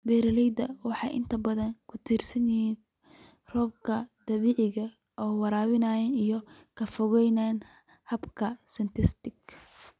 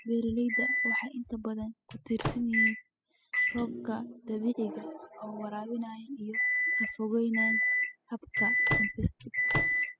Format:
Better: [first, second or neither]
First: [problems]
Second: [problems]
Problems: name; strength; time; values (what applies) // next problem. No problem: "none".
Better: first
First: none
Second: noise reduction (classical method spectral subtraction)